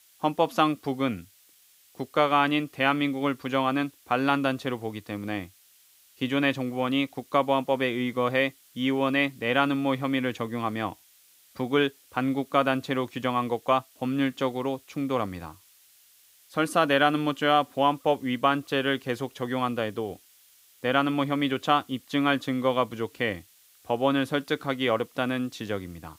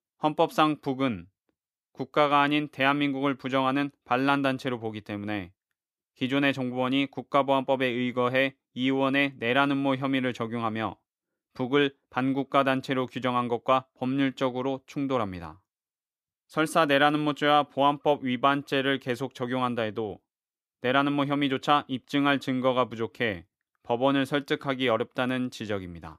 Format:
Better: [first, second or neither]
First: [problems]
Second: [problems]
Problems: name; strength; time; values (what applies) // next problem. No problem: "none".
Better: second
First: hiss; faint; throughout; 30 dB below the speech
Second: none